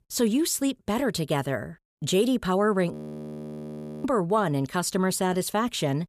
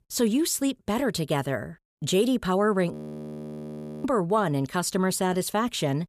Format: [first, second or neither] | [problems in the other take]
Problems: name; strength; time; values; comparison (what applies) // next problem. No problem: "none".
neither | audio freezing; at 3 s for 1 s; the same in both